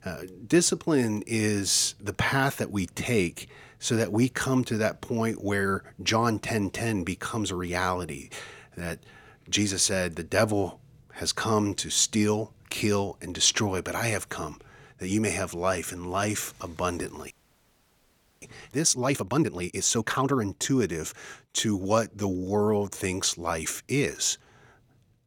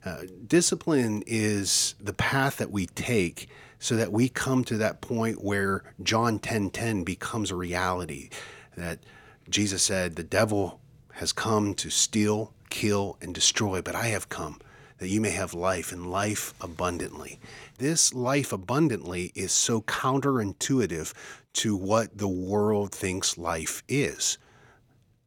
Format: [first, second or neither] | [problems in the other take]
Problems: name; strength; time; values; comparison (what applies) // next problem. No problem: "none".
second | audio freezing; at 17 s for 1 s